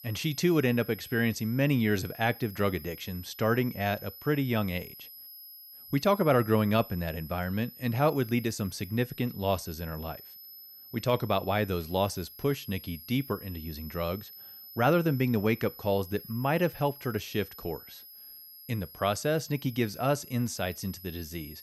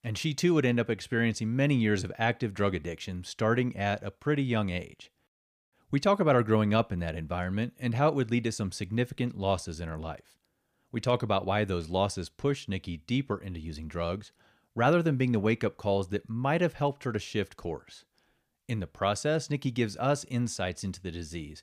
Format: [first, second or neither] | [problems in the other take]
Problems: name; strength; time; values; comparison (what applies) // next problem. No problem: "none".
second | high-pitched whine; noticeable; throughout; 12 kHz, 15 dB below the speech